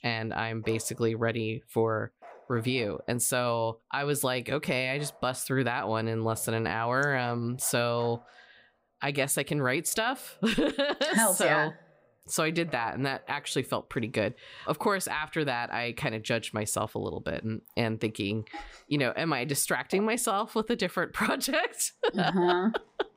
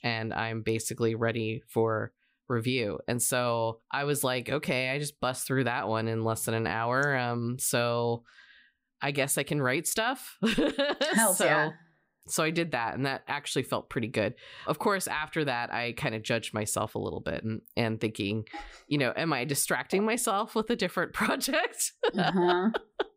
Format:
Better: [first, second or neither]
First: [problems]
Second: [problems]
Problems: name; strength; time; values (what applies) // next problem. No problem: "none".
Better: second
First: animal sounds; faint; throughout; 25 dB below the speech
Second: none